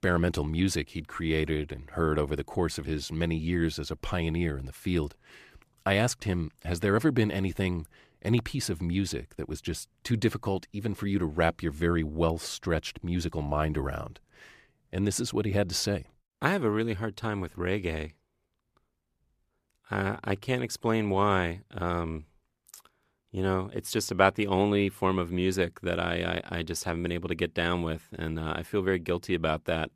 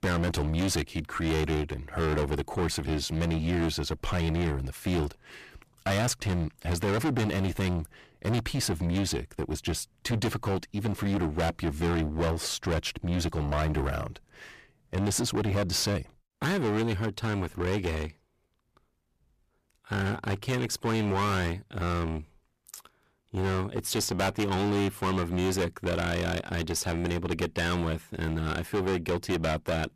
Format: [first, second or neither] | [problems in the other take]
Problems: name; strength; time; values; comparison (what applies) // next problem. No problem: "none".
first | distortion; heavy; 18% of the sound clipped